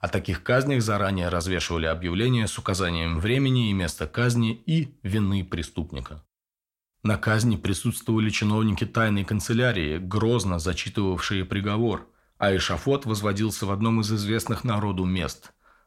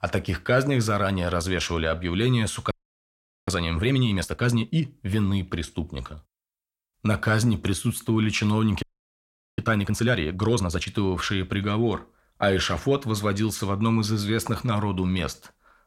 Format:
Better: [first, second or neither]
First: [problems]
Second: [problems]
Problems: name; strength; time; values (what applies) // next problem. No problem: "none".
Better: first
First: none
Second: audio freezing; at 2.5 s for 1 s and at 9 s for 1 s